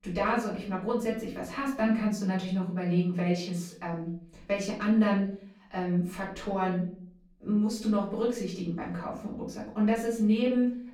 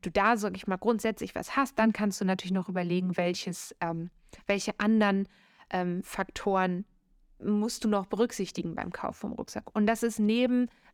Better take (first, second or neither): second